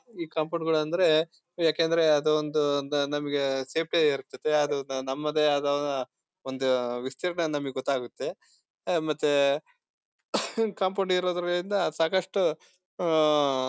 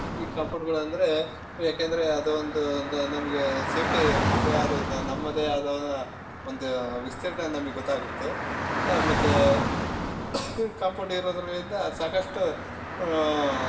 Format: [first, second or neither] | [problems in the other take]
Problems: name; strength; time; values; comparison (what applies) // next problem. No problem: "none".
first | background sound (Traffic noise, roadway noise / Car); 2 dB below the speech // room echo; dies away in 0.7 s